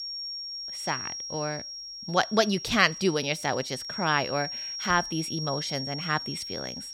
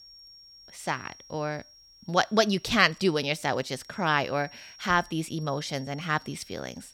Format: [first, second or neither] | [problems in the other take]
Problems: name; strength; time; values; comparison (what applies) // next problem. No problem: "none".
second | high-pitched whine; loud; throughout; 5.5 kHz, 6 dB below the speech; faint in the second